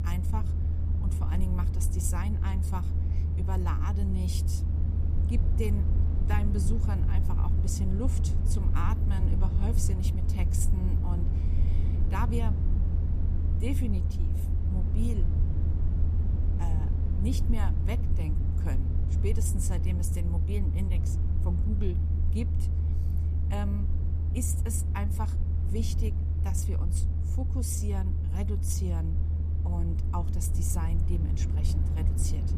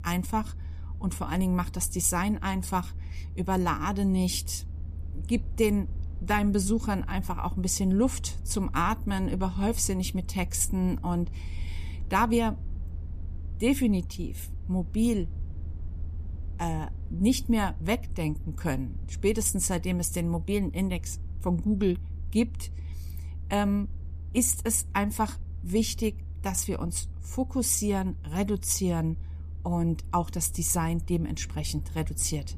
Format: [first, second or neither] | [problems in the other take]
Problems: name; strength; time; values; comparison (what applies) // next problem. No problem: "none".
second | low rumble; loud; throughout; 3 dB below the speech; faint in the second